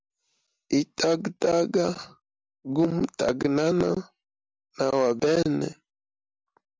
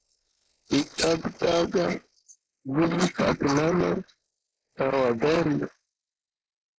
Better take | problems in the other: first | noise reduction (neural mask model Resemble Enhance denoiser)

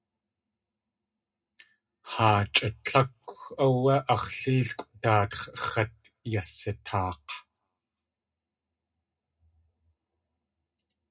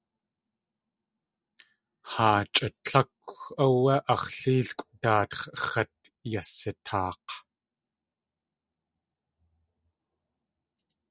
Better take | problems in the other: second | room echo; dies away in 0.2 s

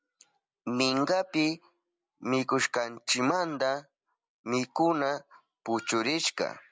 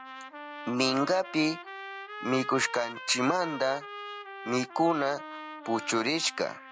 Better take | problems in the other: first | background sound (Trumpet); 12 dB below the speech

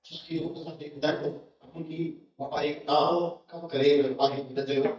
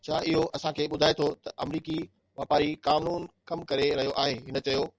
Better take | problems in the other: second | noise reduction (neural mask model DeepFilterNet 3)

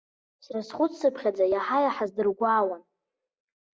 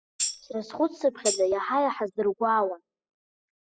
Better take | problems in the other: first | noise reduction (classical method spectral subtraction)

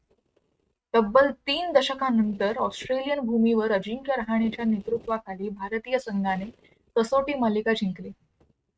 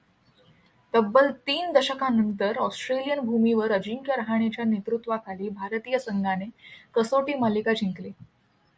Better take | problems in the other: second | noise reduction (neural mask model RNNoise)

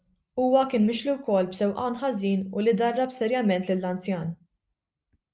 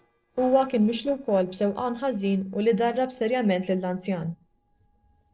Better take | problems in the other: first | noise reduction (neural separator model SepFormer DNS4)

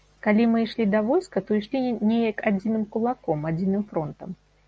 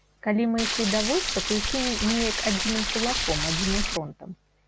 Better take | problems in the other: first | background sound (Stream); as loud as the speech

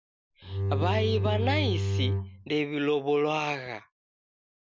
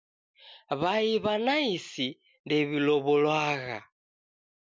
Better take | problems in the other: second | background sound (Bowed string instrument); 2 dB above the speech

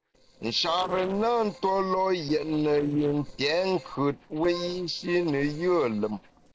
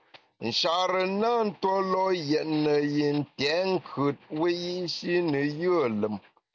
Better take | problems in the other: second | noise reduction (neural separator model SepFormer DNS4)

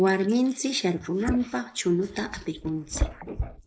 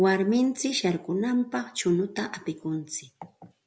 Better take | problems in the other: second | noise reduction (neural mask model Resemble Enhance denoiser)

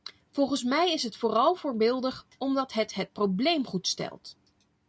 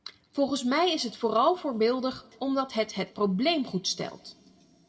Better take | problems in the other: first | room echo; dies away in 1 s

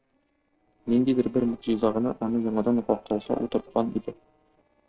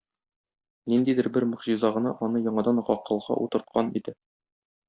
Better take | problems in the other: second | noise reduction (neural separator model SepFormer DNS4)

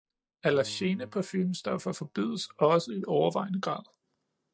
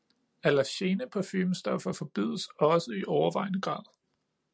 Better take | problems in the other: second | noise reduction (neural mask model DeepFilterNet 3)

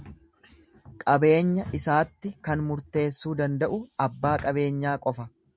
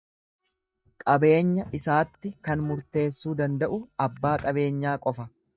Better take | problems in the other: first | noise reduction (neural mask model DeepFilterNet 3)

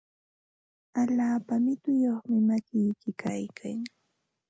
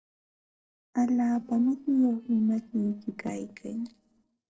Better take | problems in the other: first | noise reduction (neural separator model SepFormer DNS4)

